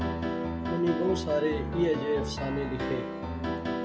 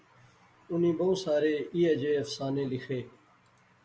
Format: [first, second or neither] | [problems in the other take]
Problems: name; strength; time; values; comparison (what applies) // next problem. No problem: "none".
second | background sound (Piano); 1 dB below the speech